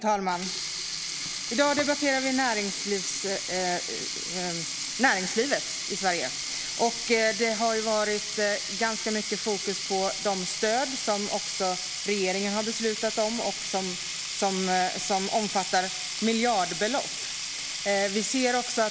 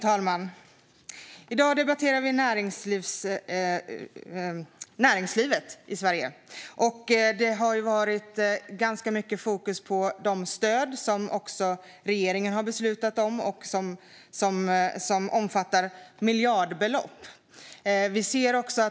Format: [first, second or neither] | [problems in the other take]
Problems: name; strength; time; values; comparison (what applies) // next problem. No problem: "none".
second | background sound (Sink (filling or washing)); 5 dB below the speech